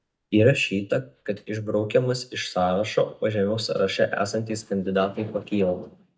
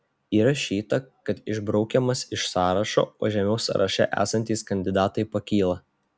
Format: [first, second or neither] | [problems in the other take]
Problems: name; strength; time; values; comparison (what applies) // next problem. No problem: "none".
second | noise reduction (neural mask model DeepFilterNet 3)